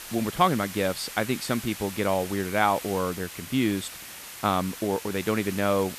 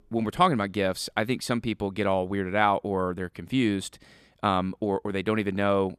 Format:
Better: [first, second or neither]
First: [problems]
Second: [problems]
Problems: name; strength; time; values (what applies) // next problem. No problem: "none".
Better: second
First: hiss; noticeable; throughout; 10 dB below the speech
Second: none